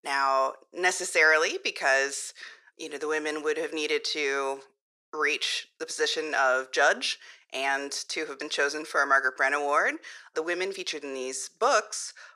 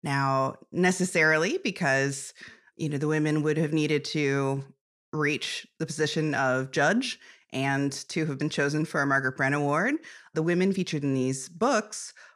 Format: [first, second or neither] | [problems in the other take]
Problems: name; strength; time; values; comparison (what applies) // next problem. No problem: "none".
second | thin; very; fading below 450 Hz